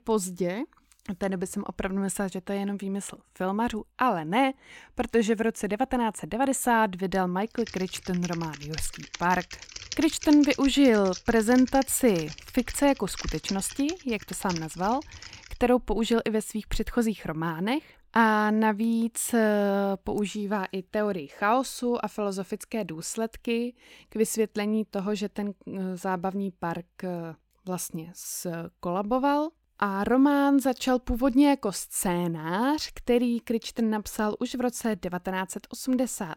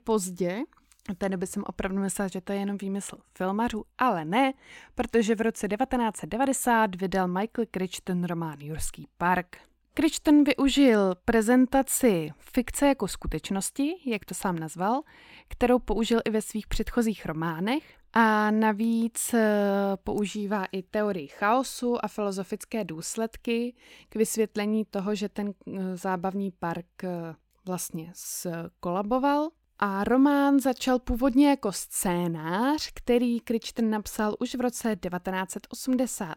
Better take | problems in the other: second | keyboard typing; noticeable; from 7.5 to 16 s; peak 8 dB below the speech

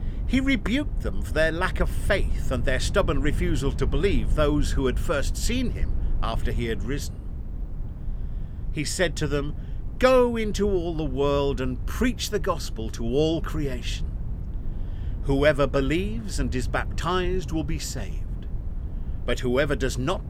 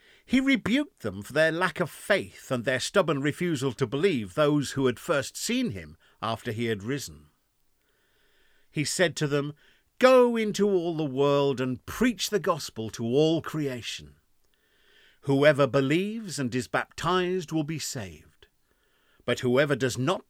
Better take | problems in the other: second | low rumble; noticeable; throughout; 20 dB below the speech

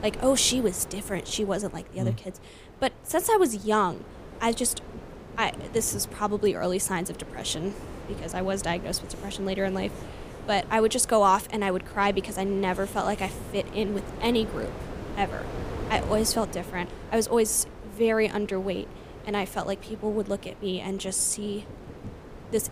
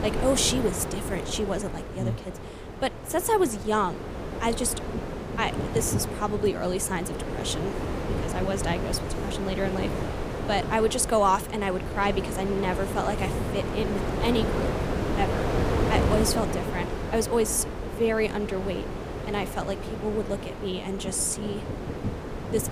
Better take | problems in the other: first | wind noise on the microphone; heavy; 5 dB below the speech; occasional gusts in the first

